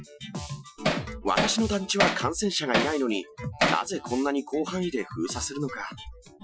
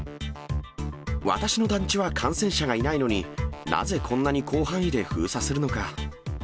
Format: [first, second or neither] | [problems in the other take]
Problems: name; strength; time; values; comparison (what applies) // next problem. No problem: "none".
second | noise reduction (classical method Wiener filter)